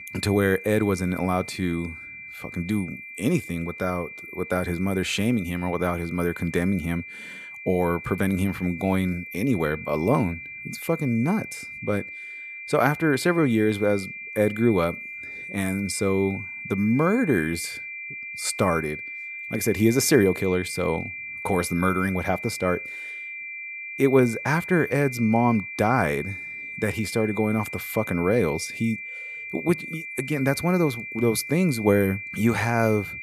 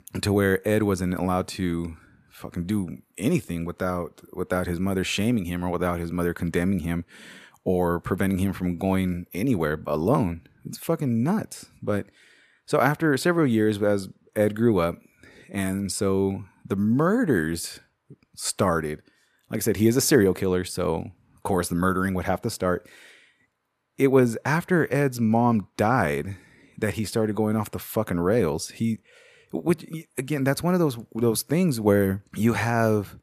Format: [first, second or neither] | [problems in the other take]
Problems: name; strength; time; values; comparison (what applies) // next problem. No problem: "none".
second | high-pitched whine; loud; throughout; 2.5 kHz, 10 dB below the speech